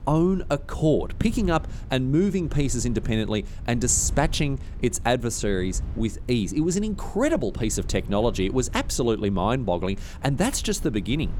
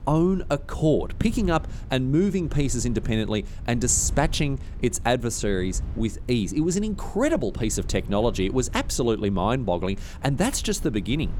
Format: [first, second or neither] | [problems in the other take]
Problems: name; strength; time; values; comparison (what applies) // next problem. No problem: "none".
neither | low rumble; faint; throughout; 25 dB below the speech; the same in both